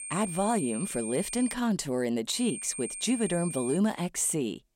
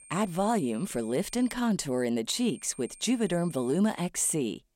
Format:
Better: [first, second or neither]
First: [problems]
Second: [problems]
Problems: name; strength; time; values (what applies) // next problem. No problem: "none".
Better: second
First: high-pitched whine; loud; until 1.5 s and from 2.5 to 4 s; 8.5 kHz, 8 dB below the speech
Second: high-pitched whine; faint; until 1.5 s and from 2.5 to 4 s; 8.5 kHz, 20 dB below the speech